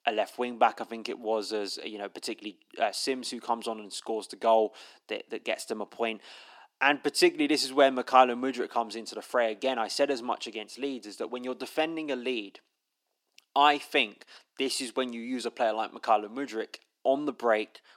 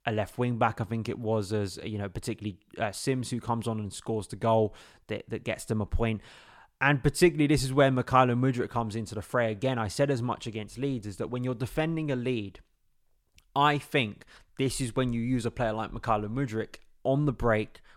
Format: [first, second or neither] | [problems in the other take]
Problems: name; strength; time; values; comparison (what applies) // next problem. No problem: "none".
second | thin; somewhat; fading below 250 Hz